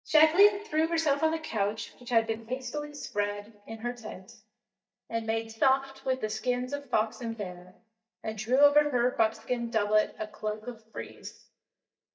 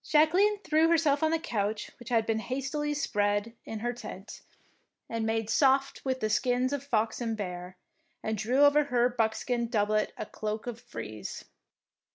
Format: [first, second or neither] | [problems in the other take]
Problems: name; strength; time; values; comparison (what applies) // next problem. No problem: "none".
second | noise reduction (neural mask model DeepFilterNet 3)